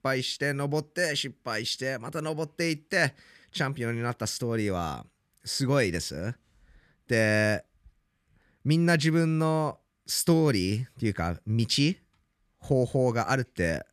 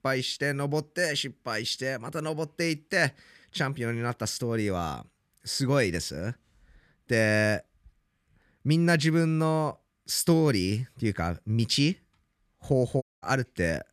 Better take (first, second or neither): first